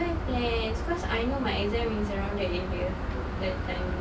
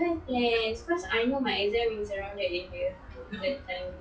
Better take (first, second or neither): first